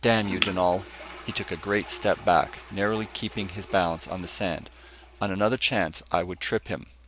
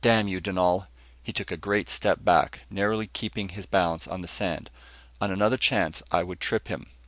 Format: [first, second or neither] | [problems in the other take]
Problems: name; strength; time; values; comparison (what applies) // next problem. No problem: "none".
second | background sound (Shatter + Toilet flush); 13 dB below the speech